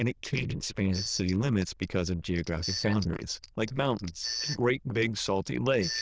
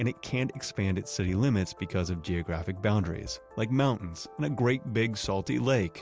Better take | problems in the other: second | noise reduction (neural diffusion model UNIVERSE++)

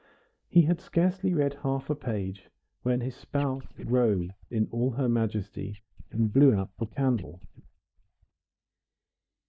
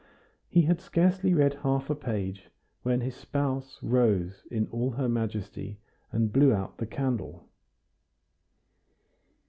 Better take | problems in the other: second | noise reduction (neural mask model DeepFilterNet 3)

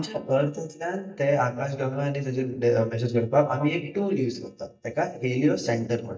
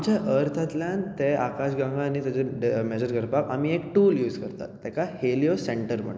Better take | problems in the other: second | noise reduction (neural mask model DeepFilterNet 3)

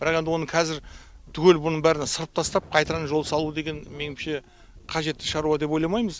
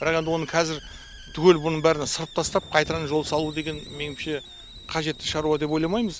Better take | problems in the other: first | background sound (Hiss); 20 dB below the speech

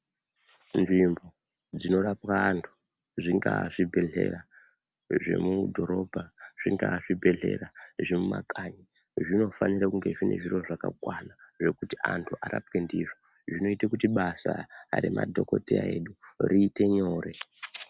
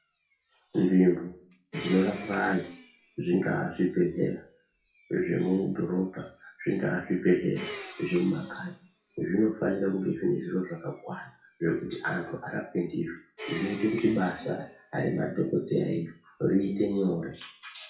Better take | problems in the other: first | noise reduction (classical method WPE with log-MMSE)

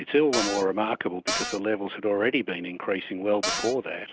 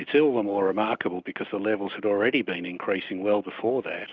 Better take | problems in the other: second | background sound (Cupboard open or close); 3 dB below the speech

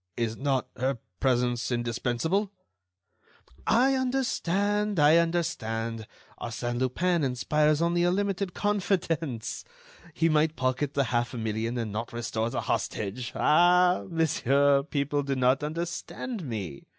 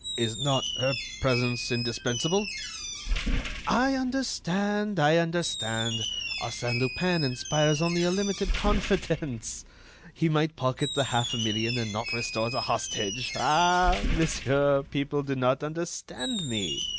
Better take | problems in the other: first | background sound (Squeak); 6 dB below the speech

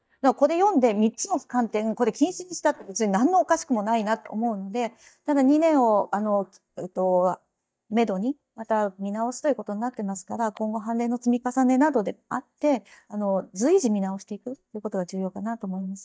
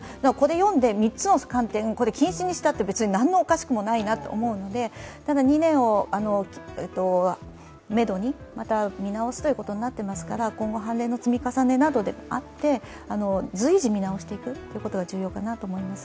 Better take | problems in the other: second | noise reduction (neural mask model DeepFilterNet 3)

